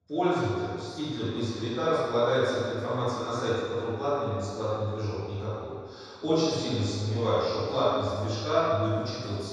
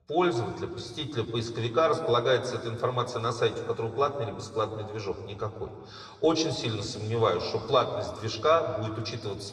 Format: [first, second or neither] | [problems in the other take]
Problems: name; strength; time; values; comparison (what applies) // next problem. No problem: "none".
second | room echo; strong; dies away in 1.8 s; slight in the second // off-mic speech; far